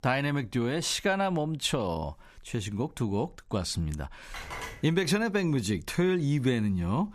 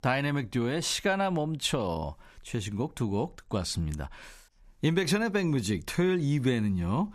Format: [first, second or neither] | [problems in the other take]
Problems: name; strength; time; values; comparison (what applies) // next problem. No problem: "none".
second | phone ringing; noticeable; at 4.5 s; peak 9 dB below the speech